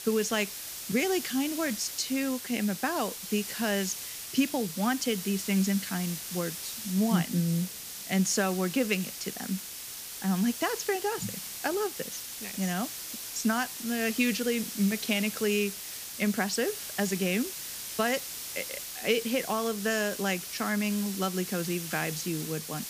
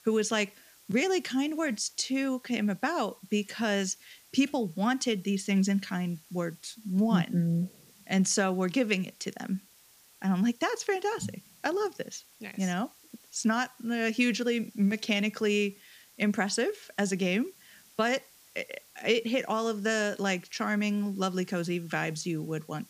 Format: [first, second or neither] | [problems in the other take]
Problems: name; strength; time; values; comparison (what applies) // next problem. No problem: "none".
second | hiss; loud; throughout; 6 dB below the speech; faint in the second